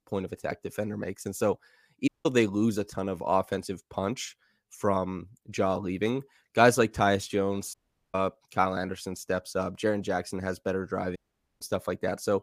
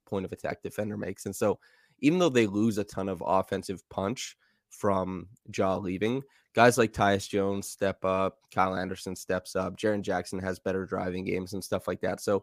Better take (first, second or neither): second